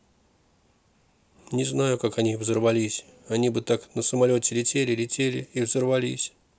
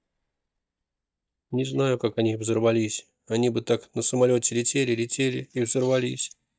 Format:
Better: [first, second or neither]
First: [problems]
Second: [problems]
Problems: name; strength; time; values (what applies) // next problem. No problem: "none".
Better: first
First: none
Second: noise reduction (neural mask model DeepFilterNet 3)